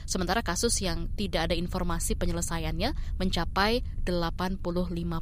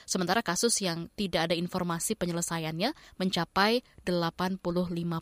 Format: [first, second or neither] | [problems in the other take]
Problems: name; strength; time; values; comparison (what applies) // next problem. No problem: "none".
second | low rumble; faint; throughout; 25 dB below the speech